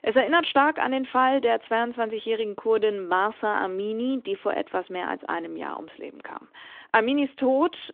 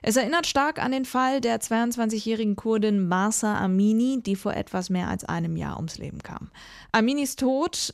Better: second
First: phone-call audio; nothing above 3.5 kHz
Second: none

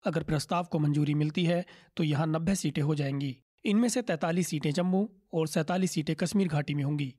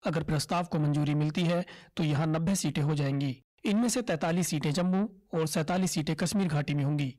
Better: first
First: none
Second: distortion; slight; 10 dB below the speech

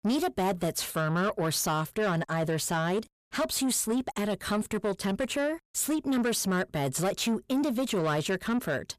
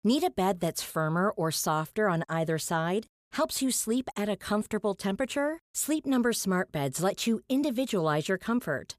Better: second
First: distortion; slight; 10 dB below the speech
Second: none

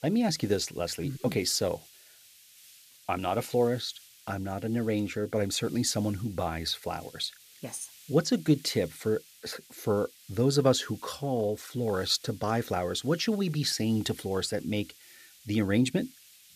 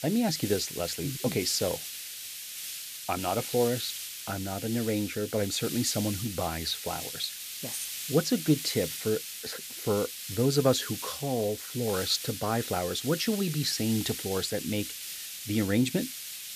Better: first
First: hiss; faint; throughout; 20 dB below the speech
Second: hiss; loud; throughout; 6 dB below the speech

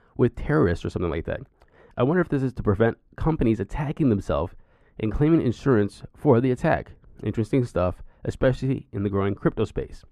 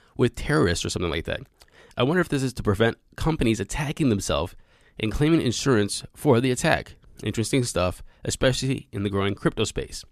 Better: second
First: muffled; very; fading above 2.5 kHz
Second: none

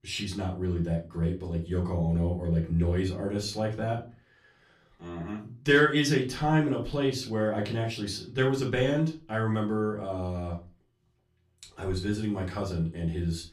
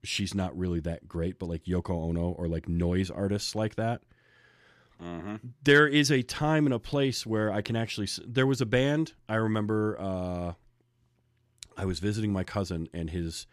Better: second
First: off-mic speech; far // room echo; very slight; dies away in 0.3 s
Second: none

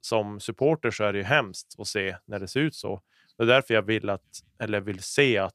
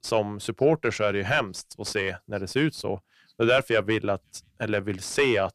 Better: first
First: none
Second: distortion; slight; 10 dB below the speech

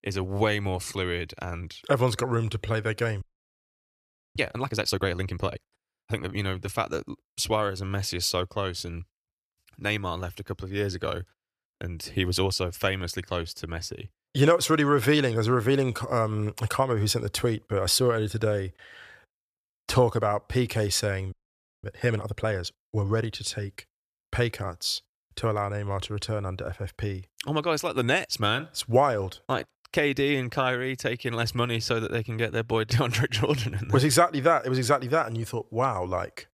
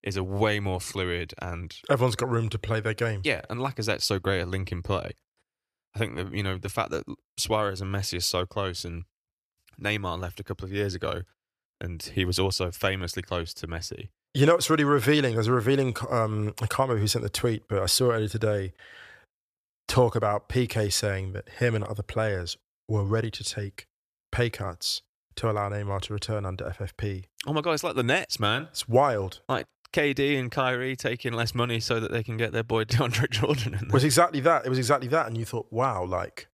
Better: second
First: audio freezing; at 3 s for 1 s and at 21 s for 0.5 s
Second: none

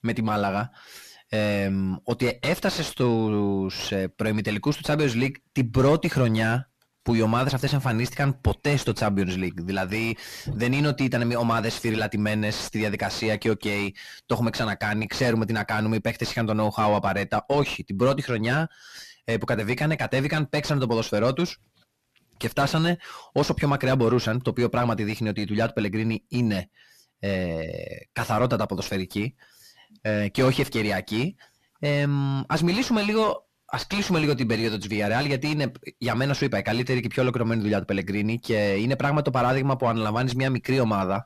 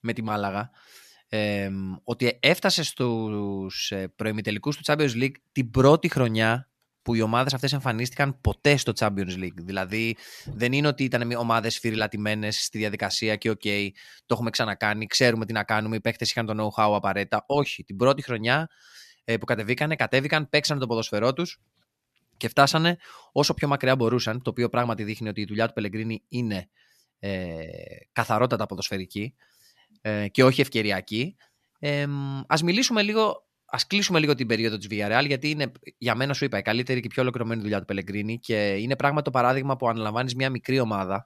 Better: second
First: distortion; heavy; 6 dB below the speech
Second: none

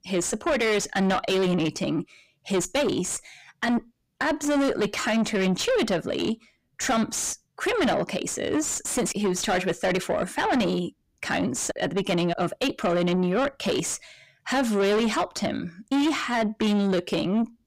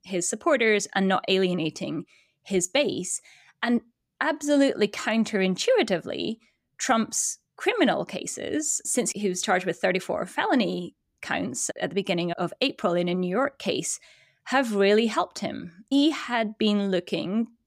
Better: second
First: distortion; heavy; 7 dB below the speech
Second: none

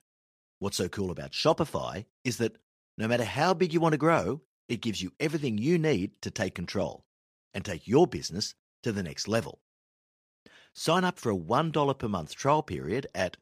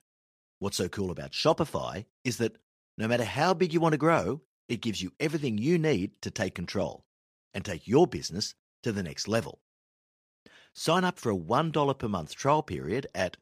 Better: neither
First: none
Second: none

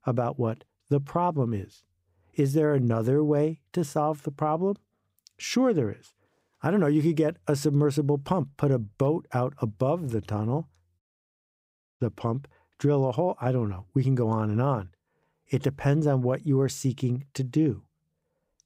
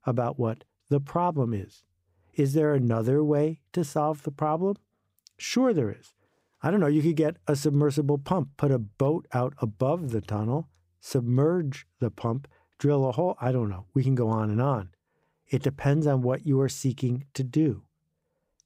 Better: second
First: audio cutting out; at 11 s for 1 s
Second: none

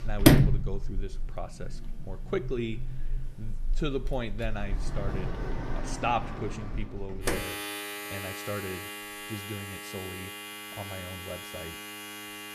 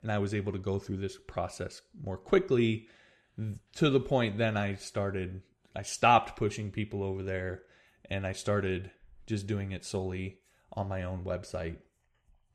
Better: second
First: household noises; very loud; throughout; 4 dB above the speech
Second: none

